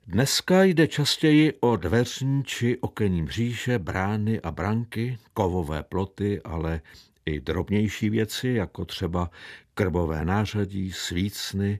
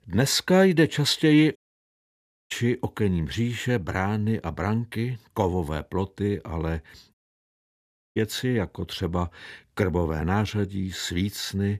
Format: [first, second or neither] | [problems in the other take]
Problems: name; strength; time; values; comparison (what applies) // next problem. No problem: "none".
first | audio cutting out; at 1.5 s for 1 s and at 7 s for 1 s